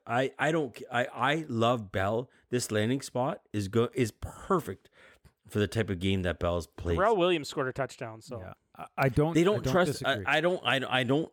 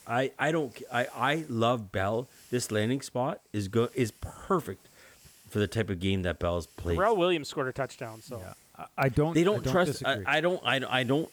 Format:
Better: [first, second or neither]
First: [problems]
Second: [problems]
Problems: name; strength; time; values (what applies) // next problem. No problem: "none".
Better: first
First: none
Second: hiss; faint; throughout; 25 dB below the speech